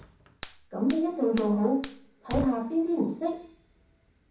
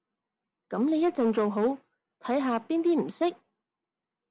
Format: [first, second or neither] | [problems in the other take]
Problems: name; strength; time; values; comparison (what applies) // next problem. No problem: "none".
second | background sound (Fire); 14 dB below the speech // room echo; dies away in 0.7 s